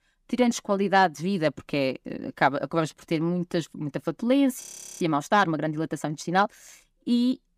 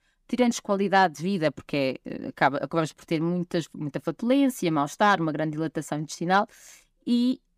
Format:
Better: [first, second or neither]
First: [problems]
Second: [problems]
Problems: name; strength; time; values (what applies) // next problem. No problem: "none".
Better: second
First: audio freezing; at 4.5 s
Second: none